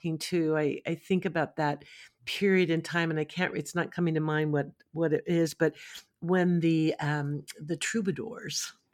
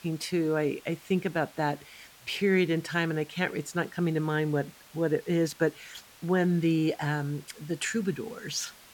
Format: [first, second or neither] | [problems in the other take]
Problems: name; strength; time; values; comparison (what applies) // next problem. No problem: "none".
first | hiss; faint; throughout; 20 dB below the speech